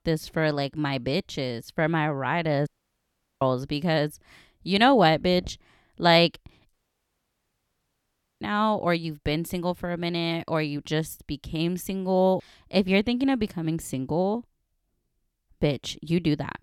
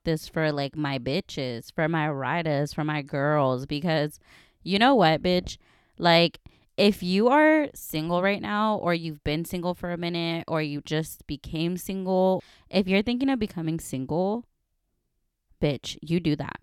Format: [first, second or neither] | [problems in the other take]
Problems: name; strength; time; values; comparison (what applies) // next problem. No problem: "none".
second | audio cutting out; at 2.5 s for 0.5 s and at 6.5 s for 1.5 s